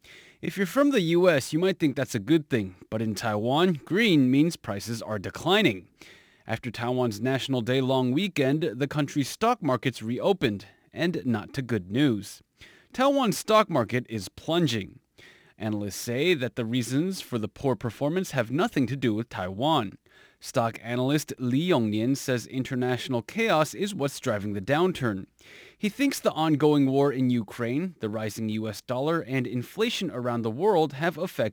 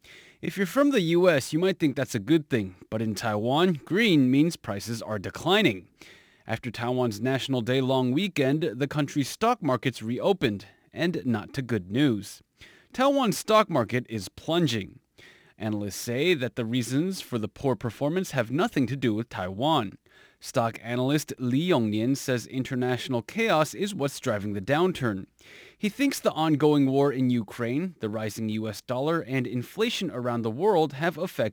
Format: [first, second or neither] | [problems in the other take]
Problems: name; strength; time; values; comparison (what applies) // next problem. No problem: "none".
neither | none